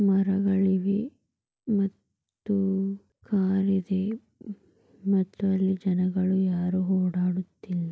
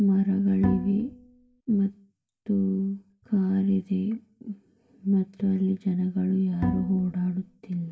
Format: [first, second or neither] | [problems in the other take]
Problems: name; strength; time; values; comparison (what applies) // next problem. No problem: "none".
first | background sound (Bowed string instrument); 7 dB below the speech // room echo; dies away in 0.2 s